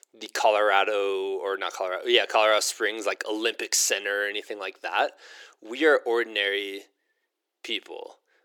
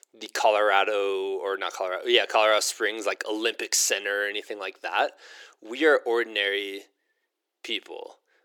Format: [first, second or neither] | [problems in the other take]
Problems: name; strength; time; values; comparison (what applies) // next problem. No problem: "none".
neither | thin; very; fading below 350 Hz; the same in both